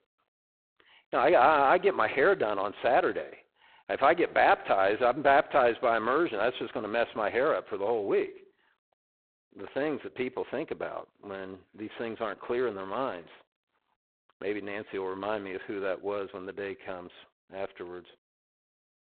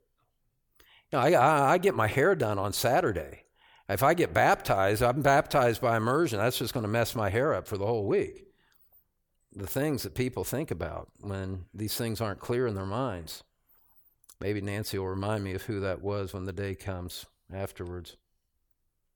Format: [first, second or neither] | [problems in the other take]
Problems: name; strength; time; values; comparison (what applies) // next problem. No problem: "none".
second | phone-call audio; poor line; nothing above 4 kHz